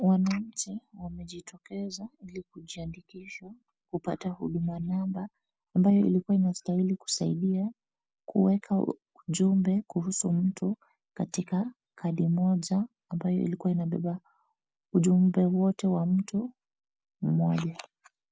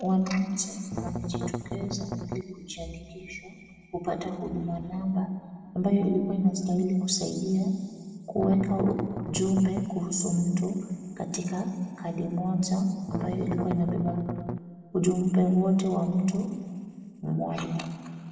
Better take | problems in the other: first | background sound (Strum); 5 dB below the speech // room echo; dies away in 2 s

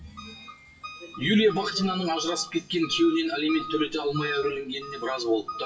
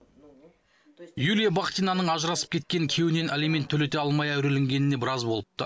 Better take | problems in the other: second | noise reduction (classical method WPE with log-MMSE)

